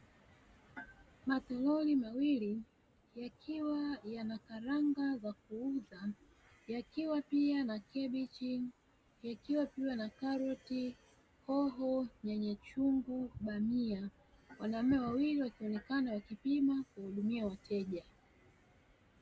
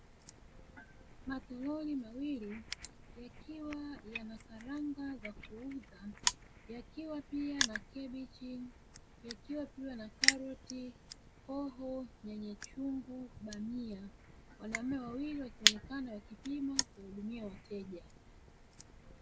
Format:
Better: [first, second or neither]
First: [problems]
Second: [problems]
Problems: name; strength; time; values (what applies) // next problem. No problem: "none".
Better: first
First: none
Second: background sound (Crushing); 1 dB above the speech